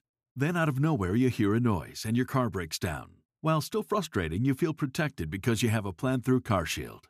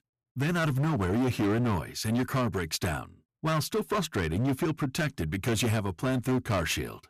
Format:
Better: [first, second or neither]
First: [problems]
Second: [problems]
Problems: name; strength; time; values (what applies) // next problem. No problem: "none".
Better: first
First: none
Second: distortion; heavy; 18% of the sound clipped